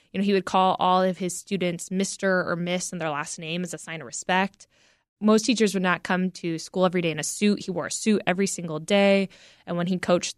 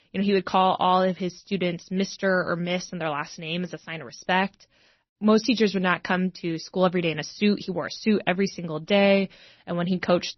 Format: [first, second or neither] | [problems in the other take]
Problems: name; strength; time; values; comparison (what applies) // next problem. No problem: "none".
first | garbled, watery; slightly; nothing above 6 kHz